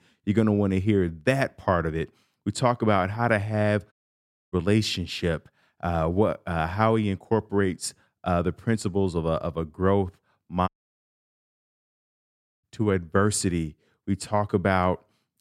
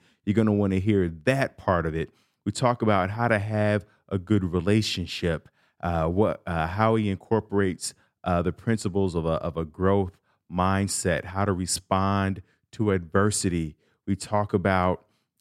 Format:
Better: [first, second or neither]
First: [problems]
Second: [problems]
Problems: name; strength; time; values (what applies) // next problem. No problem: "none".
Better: second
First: audio cutting out; at 4 s for 0.5 s and at 11 s for 2 s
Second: none